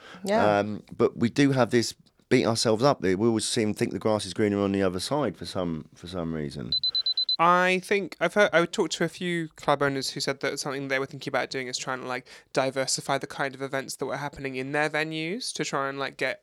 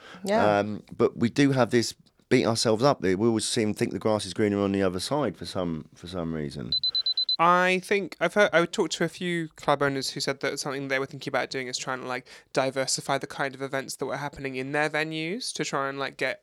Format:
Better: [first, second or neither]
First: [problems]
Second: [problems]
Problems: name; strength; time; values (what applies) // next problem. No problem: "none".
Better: neither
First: alarm; loud; at 6.5 s; peak 3 dB above the speech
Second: alarm; loud; at 6.5 s; peak 3 dB above the speech